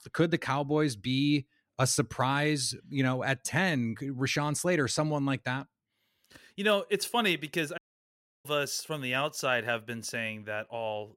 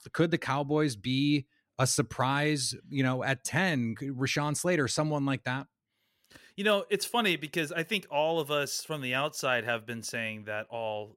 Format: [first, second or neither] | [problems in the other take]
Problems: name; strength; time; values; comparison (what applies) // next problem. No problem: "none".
second | audio cutting out; at 8 s for 0.5 s